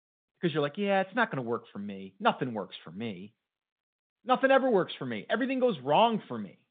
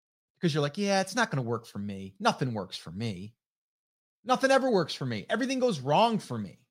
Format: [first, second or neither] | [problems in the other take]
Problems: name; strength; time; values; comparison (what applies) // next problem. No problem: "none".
second | phone-call audio; nothing above 3.5 kHz